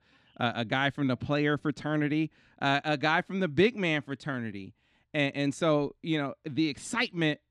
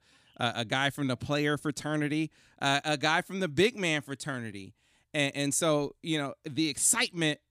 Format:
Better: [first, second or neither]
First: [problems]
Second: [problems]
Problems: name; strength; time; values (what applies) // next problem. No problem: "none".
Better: second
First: muffled; slightly; fading above 3 kHz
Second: none